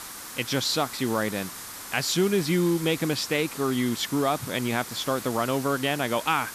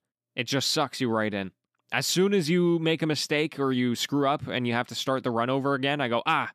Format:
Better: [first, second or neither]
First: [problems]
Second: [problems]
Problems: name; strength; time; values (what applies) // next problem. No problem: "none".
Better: second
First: hiss; noticeable; throughout; 10 dB below the speech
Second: none